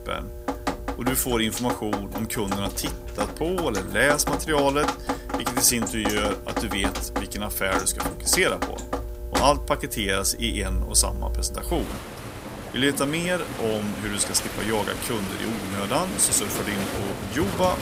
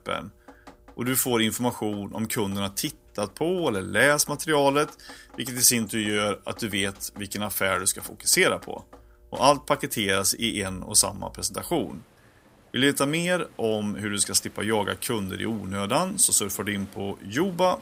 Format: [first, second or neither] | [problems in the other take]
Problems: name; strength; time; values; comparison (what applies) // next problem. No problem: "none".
second | rain or running water; loud; throughout; 6 dB below the speech; faint in the second